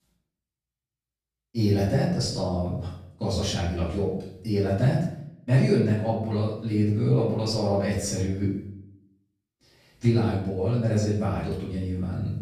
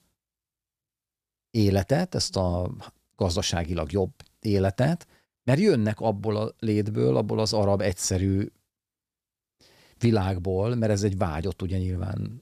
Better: second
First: off-mic speech; far // room echo; noticeable; dies away in 0.6 s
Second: none

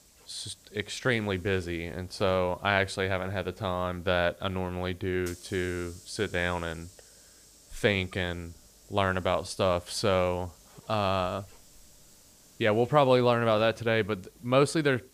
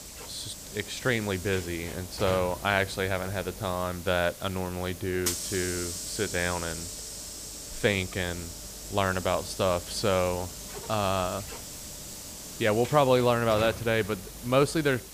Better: first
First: hiss; faint; throughout; 25 dB below the speech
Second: hiss; loud; throughout; 9 dB below the speech

